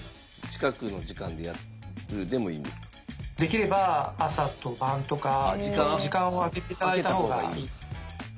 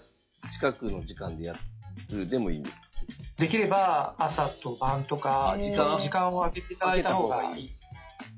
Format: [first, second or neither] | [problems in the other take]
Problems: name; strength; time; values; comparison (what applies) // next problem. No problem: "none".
first | noise reduction (classical method log-MMSE)